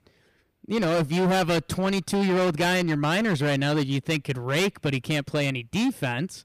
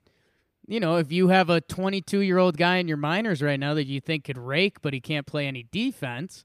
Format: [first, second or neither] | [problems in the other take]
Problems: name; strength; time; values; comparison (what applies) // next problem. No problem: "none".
second | distortion; heavy; 19% of the sound clipped